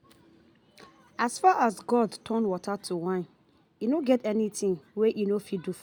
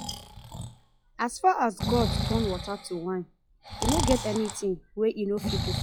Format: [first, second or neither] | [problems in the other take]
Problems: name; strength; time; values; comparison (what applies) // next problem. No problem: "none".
first | noise reduction (classical method log-MMSE)